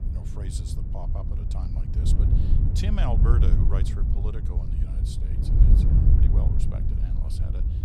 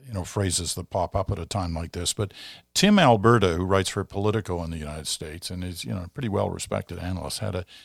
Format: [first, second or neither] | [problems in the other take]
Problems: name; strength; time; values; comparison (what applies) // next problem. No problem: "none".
second | wind noise on the microphone; heavy; 1 dB above the speech